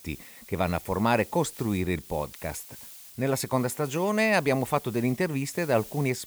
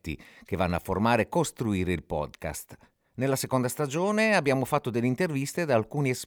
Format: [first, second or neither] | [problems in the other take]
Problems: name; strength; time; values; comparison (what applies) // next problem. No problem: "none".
second | hiss; noticeable; throughout; 15 dB below the speech